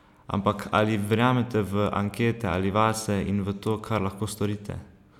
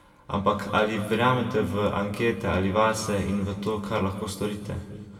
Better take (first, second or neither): first